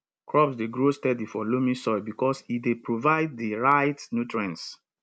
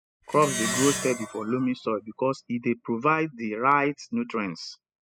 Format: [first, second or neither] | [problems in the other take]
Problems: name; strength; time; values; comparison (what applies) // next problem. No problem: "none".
first | noise reduction (classical method spectral subtraction)